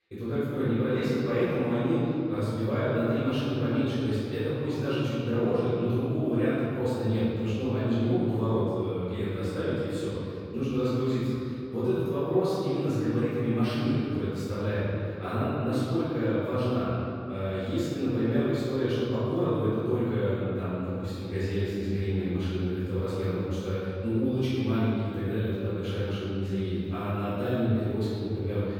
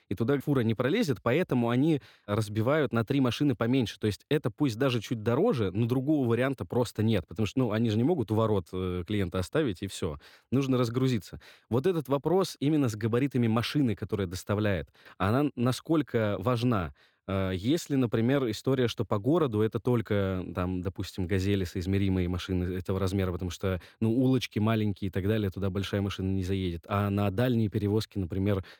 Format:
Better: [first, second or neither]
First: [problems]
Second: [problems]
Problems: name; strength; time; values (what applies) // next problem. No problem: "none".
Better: second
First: off-mic speech; far // room echo; strong; dies away in 2.2 s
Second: none